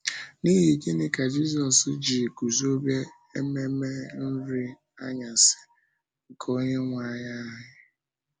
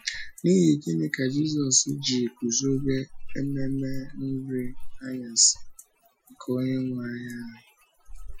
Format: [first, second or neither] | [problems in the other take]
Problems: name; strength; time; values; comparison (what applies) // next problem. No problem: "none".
first | noise reduction (classical method Wiener filter)